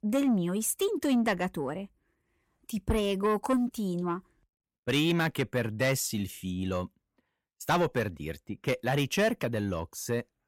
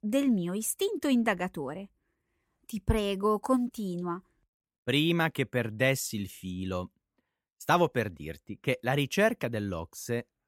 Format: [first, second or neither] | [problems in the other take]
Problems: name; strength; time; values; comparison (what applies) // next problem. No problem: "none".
second | distortion; slight; 10 dB below the speech